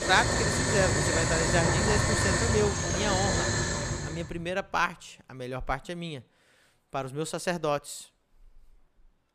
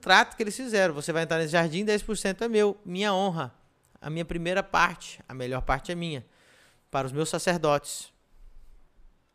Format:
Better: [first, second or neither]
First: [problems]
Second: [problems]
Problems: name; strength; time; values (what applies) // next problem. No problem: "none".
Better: second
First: household noises; very loud; until 4 s; 5 dB above the speech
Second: none